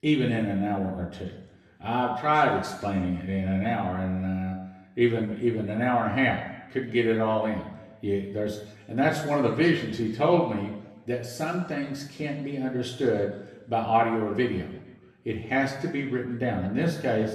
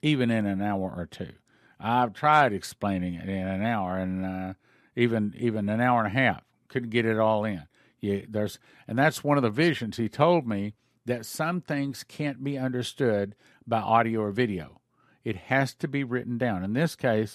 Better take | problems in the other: second | room echo; noticeable; dies away in 0.9 s // off-mic speech; far

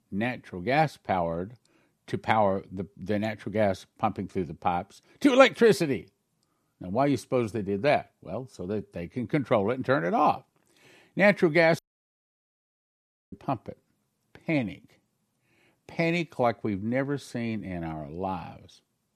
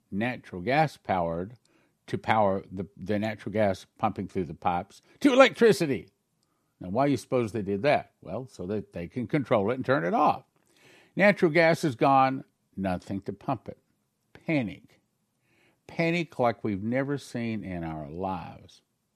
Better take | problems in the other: second | audio cutting out; at 12 s for 1.5 s

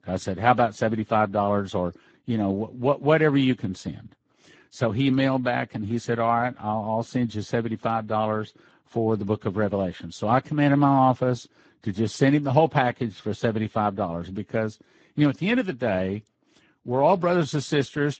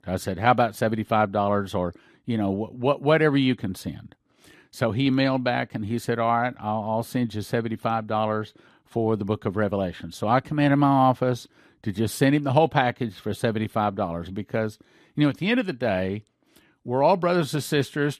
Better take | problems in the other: second | garbled, watery; badly; nothing above 8 kHz

